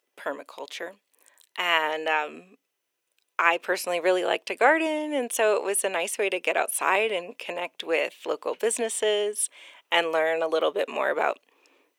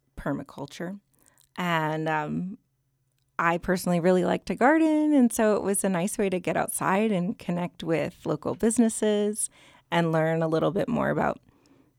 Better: second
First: thin; very; fading below 400 Hz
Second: none

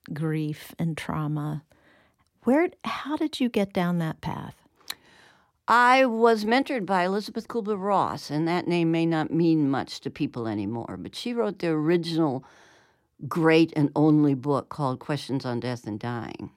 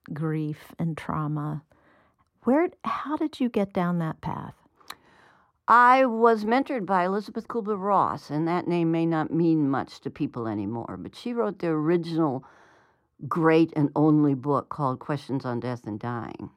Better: first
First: none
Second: muffled; slightly; fading above 2 kHz

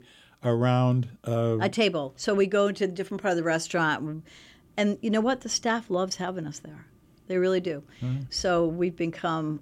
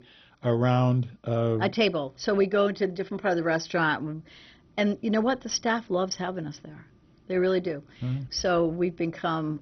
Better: first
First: none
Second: garbled, watery; badly; nothing above 6 kHz

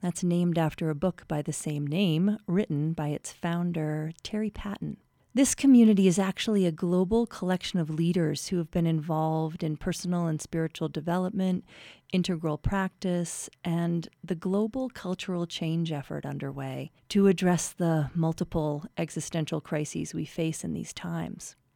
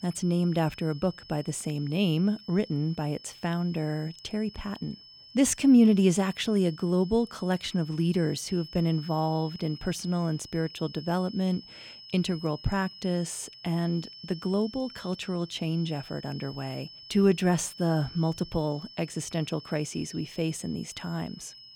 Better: first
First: none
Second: high-pitched whine; noticeable; throughout; 5.5 kHz, 15 dB below the speech

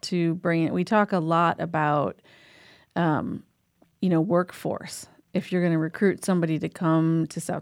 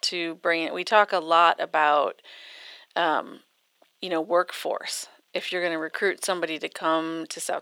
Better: first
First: none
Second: thin; very; fading below 450 Hz

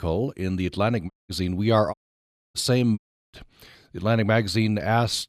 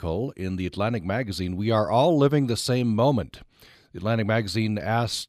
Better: second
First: audio cutting out; at 1 s, at 2 s for 0.5 s and at 3 s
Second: none

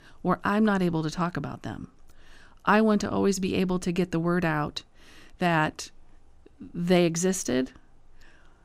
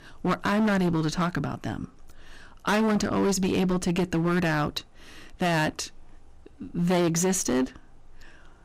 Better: first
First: none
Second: distortion; heavy; 12% of the sound clipped

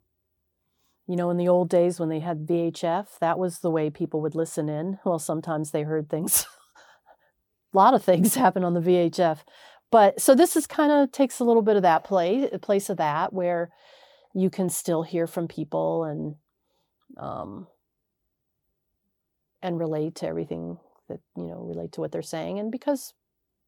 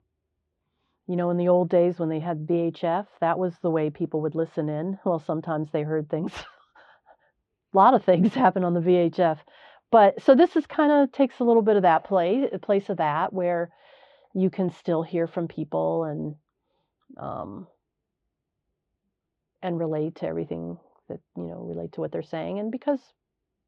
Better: first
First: none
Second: muffled; very; fading above 3.5 kHz

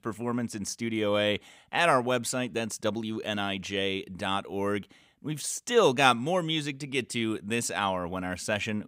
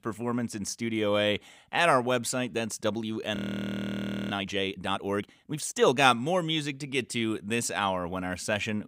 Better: first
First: none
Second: audio freezing; at 3.5 s for 1 s

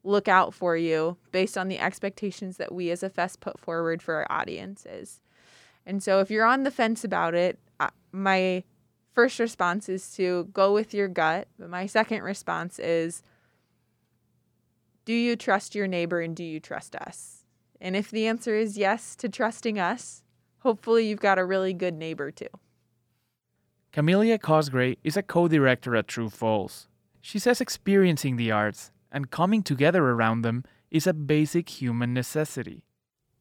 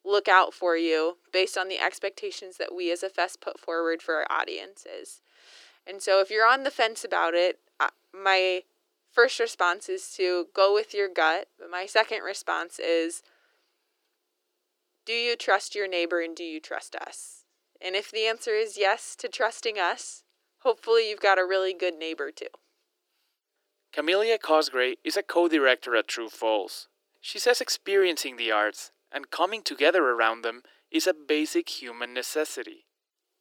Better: first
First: none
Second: thin; very; fading below 300 Hz

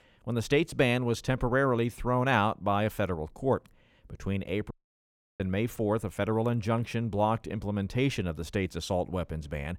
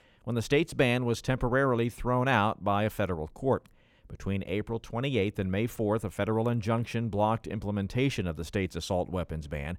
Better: second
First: audio cutting out; at 4.5 s for 0.5 s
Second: none

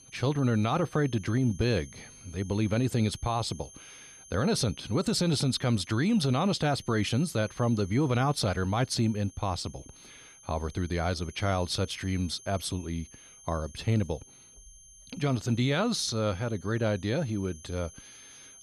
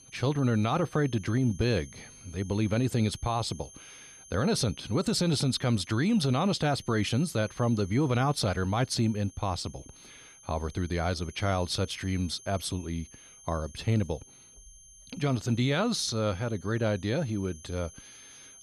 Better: neither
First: high-pitched whine; faint; throughout; 6.5 kHz, 20 dB below the speech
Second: high-pitched whine; faint; throughout; 6.5 kHz, 20 dB below the speech

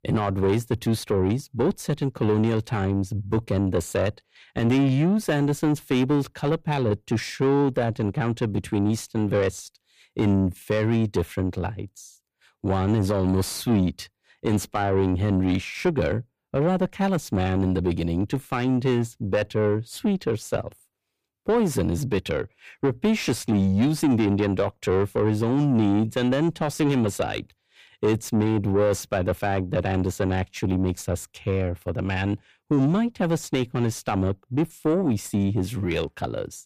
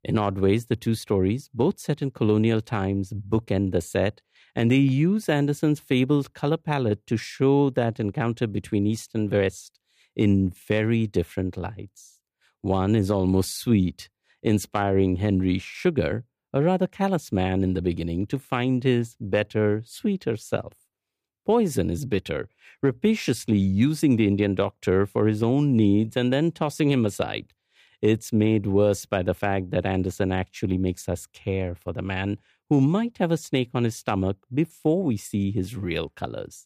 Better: second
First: distortion; slight; 10 dB below the speech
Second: none

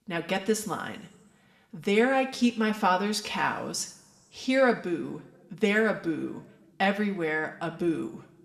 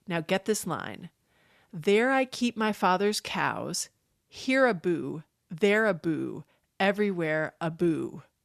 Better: second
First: room echo; very slight; dies away in 1 s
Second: none

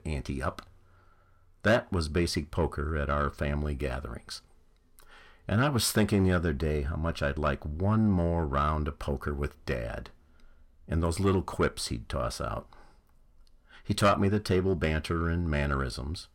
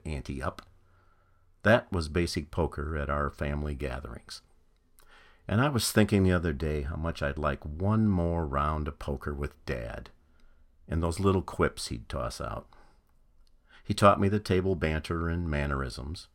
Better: second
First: distortion; slight; 10 dB below the speech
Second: none

